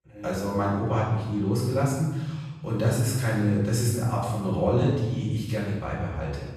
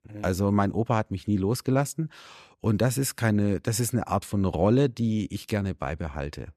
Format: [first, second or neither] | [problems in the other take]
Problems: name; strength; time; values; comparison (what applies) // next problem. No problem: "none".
second | room echo; strong; dies away in 1.2 s // off-mic speech; far